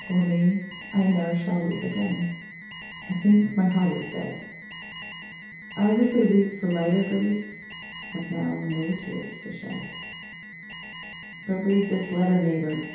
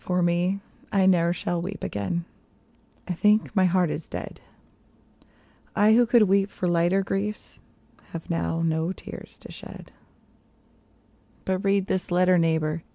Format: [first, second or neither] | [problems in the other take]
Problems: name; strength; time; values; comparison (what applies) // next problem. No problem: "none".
second | background sound (Alarm); 15 dB below the speech // room echo; dies away in 2.2 s